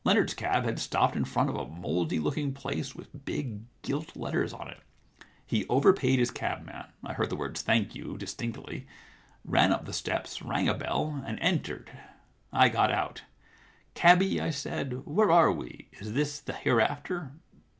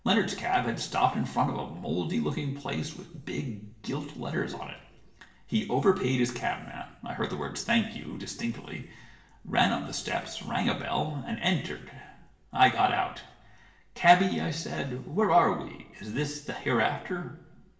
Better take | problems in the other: first | room echo; dies away in 1.1 s

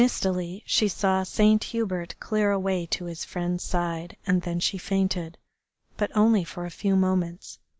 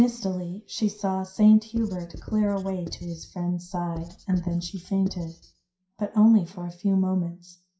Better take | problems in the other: first | noise reduction (classical method WPE with log-MMSE)

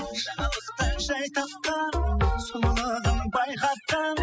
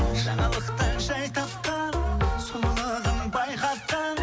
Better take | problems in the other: second | noise reduction (classical method spectral subtraction)

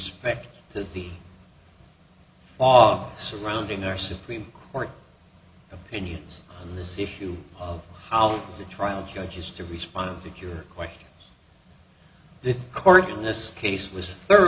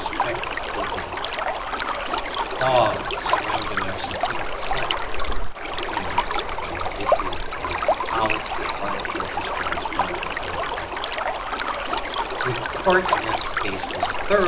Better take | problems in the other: first | background sound (Stream); 5 dB above the speech

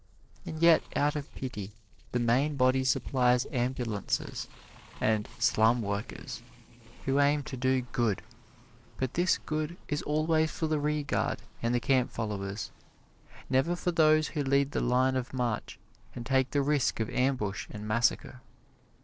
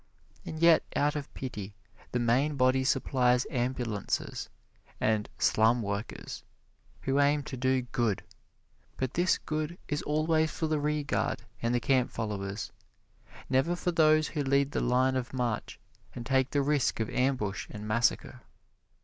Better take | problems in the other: second | noise reduction (neural separator model SepFormer DNS4)

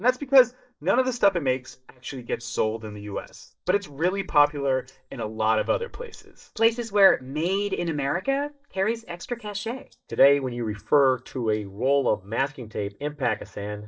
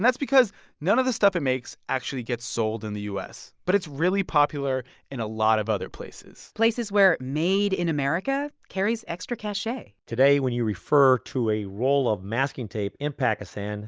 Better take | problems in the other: second | noise reduction (neural mask model DeepFilterNet 3)

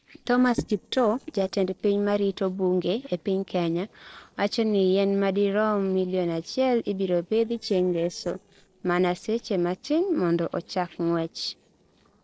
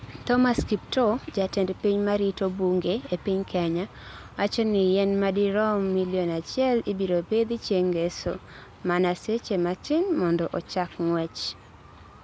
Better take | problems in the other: second | noise reduction (neural separator model SepFormer DNS4)

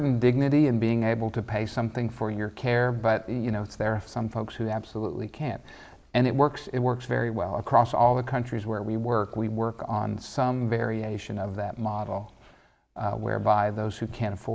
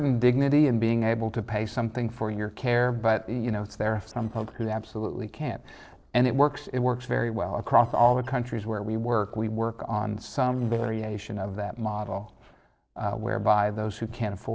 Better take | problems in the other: first | noise reduction (neural separator model SepFormer DNS4)

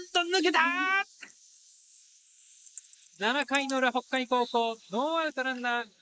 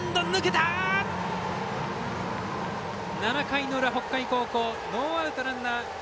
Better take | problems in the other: second | noise reduction (neural mask model Resemble Enhance denoiser)

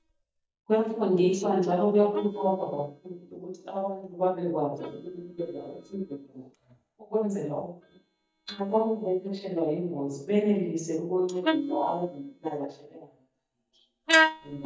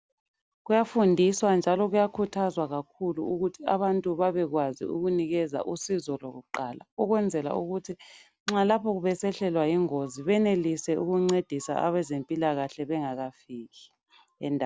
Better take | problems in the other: second | noise reduction (neural mask model DeepFilterNet 3)

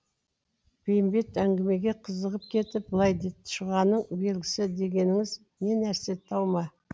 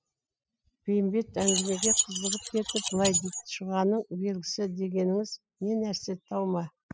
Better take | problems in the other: first | noise reduction (classical method spectral subtraction)

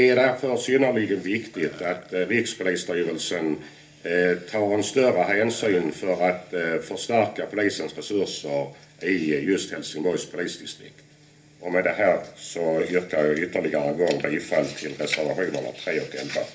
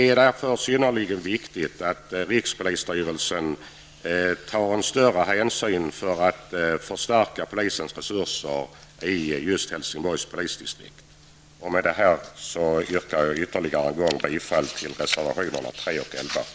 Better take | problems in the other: second | background sound (Burping, eructation); 19 dB below the speech // room echo; dies away in 0.3 s

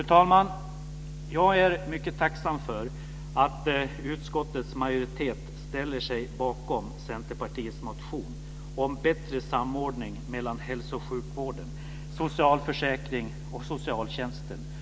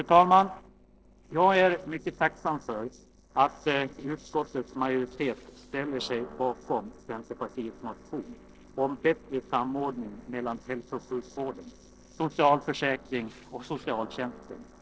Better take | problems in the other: first | noise reduction (neural separator model SepFormer DNS4)

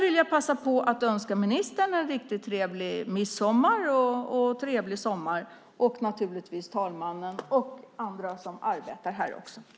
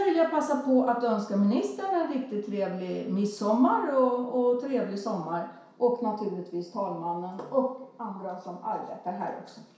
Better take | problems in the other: first | room echo; dies away in 0.6 s

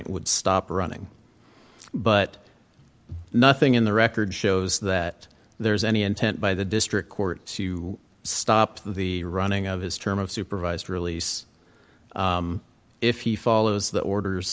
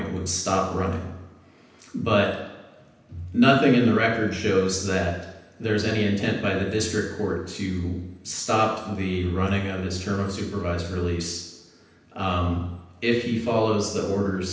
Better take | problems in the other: first | room echo; dies away in 0.9 s

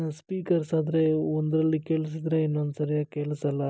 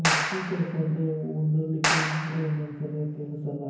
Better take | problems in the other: first | background sound (Clapping); 3 dB below the speech // room echo; dies away in 0.9 s

